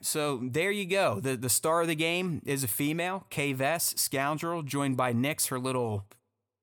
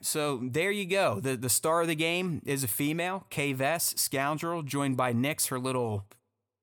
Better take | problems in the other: neither | none

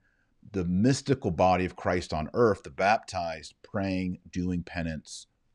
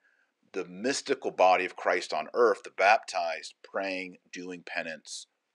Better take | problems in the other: first | thin; somewhat; fading below 400 Hz

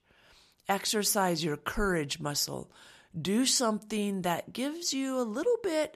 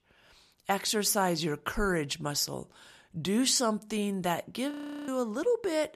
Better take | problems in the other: first | audio freezing; at 4.5 s

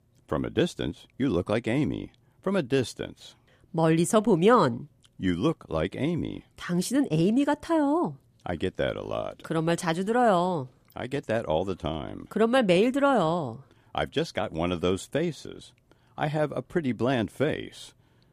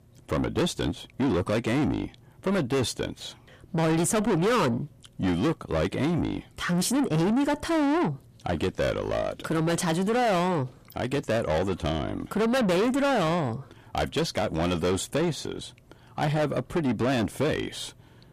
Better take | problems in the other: first | distortion; heavy; 6 dB below the speech

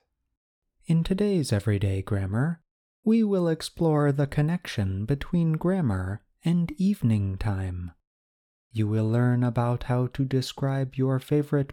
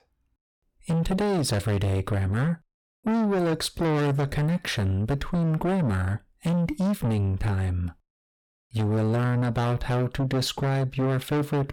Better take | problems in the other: first | distortion; heavy; 6 dB below the speech

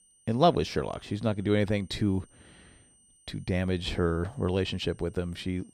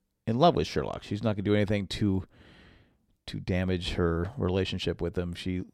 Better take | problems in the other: second | high-pitched whine; faint; throughout; 8.5 kHz, 30 dB below the speech

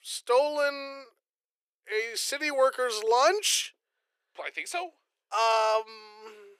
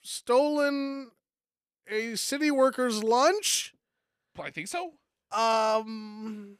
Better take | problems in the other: second | thin; very; fading below 400 Hz

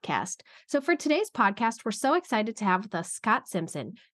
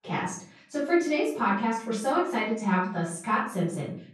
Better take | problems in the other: first | room echo; noticeable; dies away in 0.4 s // off-mic speech; far

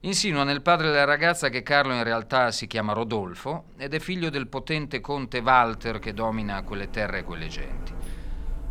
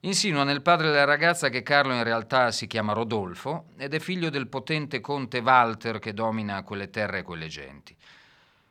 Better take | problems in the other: second | household noises; noticeable; throughout; 20 dB below the speech

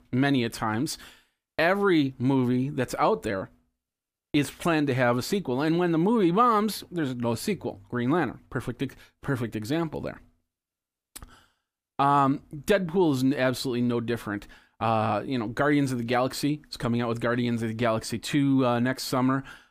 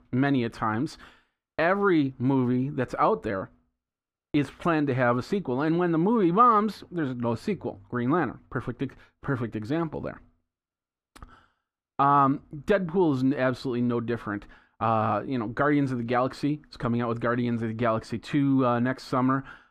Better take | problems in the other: first | muffled; slightly; fading above 1.5 kHz

